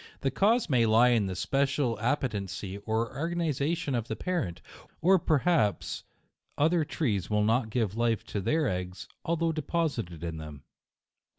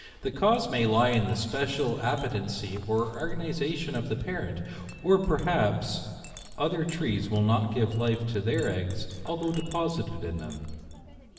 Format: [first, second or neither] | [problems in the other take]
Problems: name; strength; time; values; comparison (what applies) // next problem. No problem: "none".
first | background sound (Chink, clink); 14 dB below the speech // room echo; dies away in 1.9 s